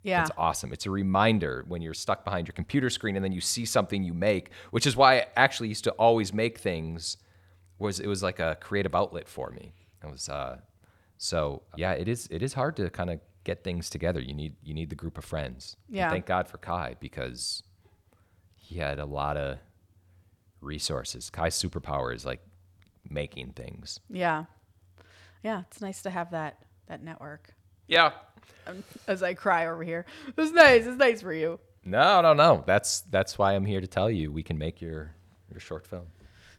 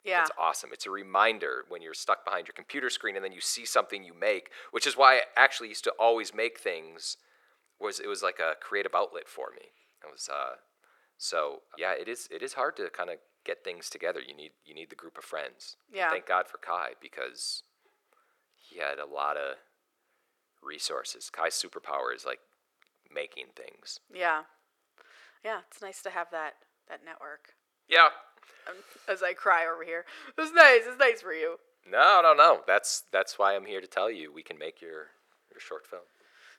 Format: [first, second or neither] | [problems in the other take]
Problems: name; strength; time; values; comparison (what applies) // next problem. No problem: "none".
first | thin; very; fading below 400 Hz